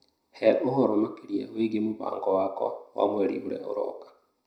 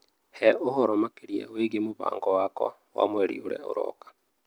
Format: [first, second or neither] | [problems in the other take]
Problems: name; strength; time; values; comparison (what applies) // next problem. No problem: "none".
second | room echo; dies away in 0.4 s